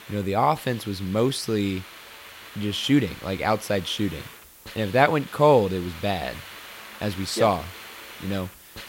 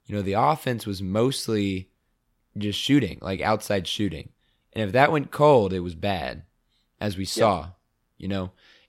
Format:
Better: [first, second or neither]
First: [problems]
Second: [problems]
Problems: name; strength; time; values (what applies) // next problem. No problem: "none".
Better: second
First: hiss; noticeable; throughout; 15 dB below the speech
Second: none